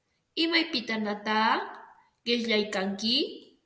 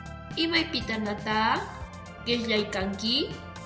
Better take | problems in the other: first | background sound (Organ); 11 dB below the speech

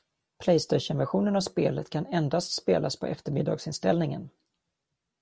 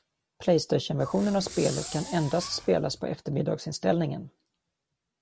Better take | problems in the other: first | background sound (Fireworks); 13 dB below the speech

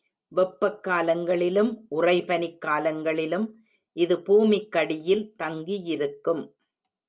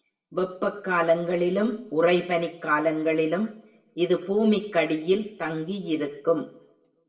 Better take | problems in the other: first | room echo; dies away in 0.7 s

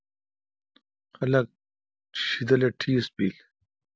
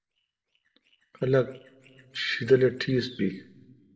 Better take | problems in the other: first | noise reduction (neural separator model SepFormer DNS4)

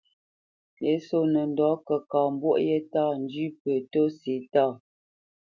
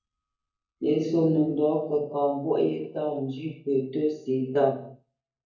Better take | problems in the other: first | noise reduction (neural mask model DeepFilterNet 3)

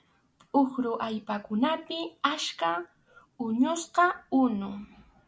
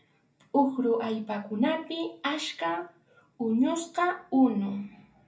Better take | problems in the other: first | room echo; dies away in 0.3 s

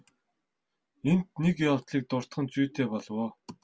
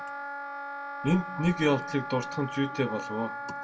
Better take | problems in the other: first | background sound (Wind instrument, woodwind instrument); 7 dB below the speech // room echo; dies away in 1 s

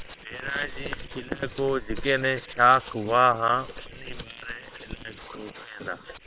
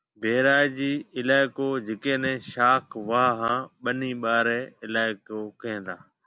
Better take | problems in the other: second | noise reduction (neural separator model SepFormer WHAM!)

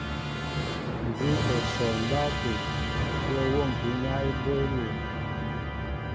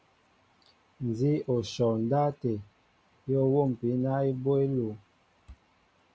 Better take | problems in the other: second | background sound (Musical instrument); 2 dB above the speech

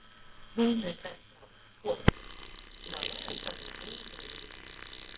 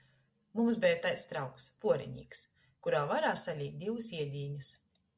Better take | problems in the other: second | noise reduction (neural separator model SepFormer WHAMR!)

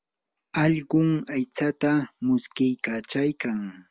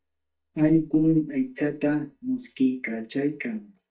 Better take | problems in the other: first | noise reduction (neural mask model DeepFilterNet 3)

